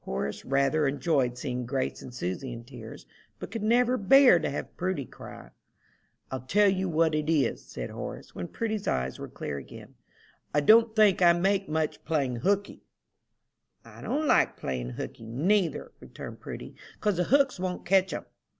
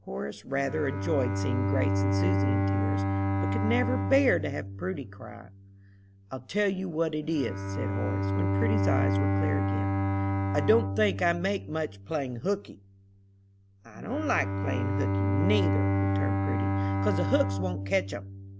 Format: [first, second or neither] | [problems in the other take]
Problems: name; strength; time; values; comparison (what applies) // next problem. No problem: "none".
first | background sound (Bowed string instrument); 2 dB above the speech